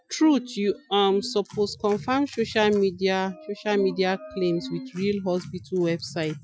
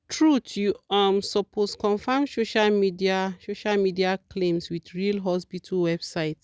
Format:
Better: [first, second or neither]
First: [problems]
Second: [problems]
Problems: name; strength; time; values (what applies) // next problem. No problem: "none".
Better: second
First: noise reduction (classical method Wiener filter)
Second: none